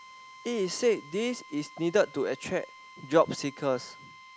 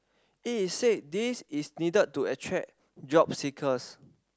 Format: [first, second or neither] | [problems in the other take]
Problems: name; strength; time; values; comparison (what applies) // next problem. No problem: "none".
second | background sound (Drill); 20 dB below the speech